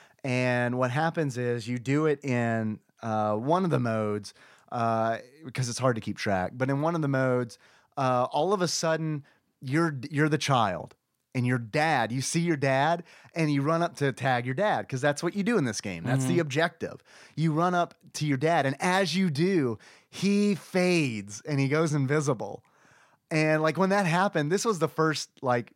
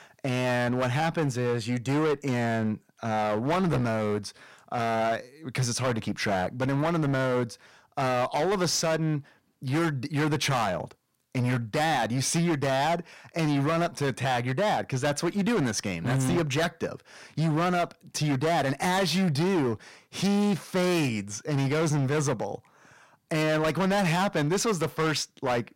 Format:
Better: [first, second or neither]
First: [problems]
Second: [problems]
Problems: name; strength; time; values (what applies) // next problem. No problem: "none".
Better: first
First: none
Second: distortion; heavy; 20% of the sound clipped